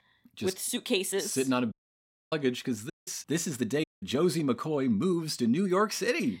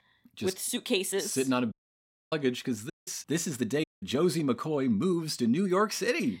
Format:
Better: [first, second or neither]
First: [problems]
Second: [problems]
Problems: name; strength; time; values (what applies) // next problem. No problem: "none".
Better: neither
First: audio cutting out; at 1.5 s for 0.5 s, at 3 s and at 4 s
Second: audio cutting out; at 1.5 s for 0.5 s, at 3 s and at 4 s